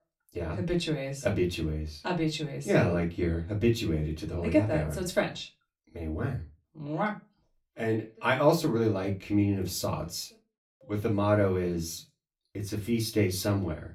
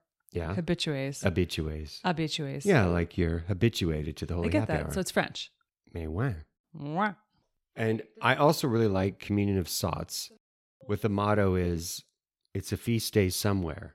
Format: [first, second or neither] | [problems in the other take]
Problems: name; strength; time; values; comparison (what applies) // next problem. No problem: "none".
second | off-mic speech; far // room echo; very slight; dies away in 0.2 s